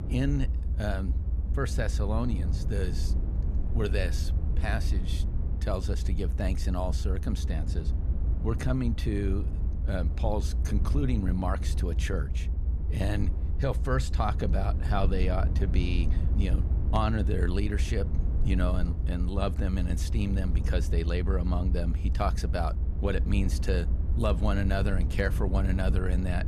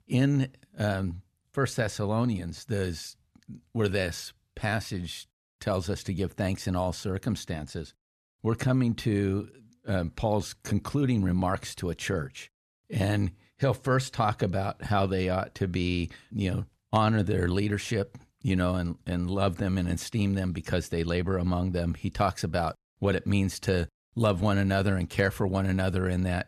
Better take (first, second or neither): second